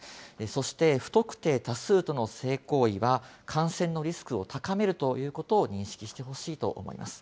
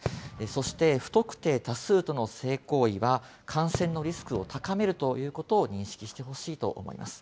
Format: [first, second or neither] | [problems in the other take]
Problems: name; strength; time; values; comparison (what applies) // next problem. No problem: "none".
first | background sound (Fireworks); 15 dB below the speech